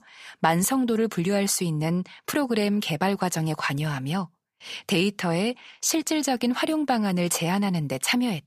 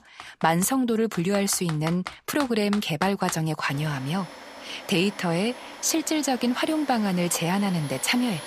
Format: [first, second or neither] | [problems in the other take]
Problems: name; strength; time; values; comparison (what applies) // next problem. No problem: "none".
first | household noises; noticeable; throughout; 15 dB below the speech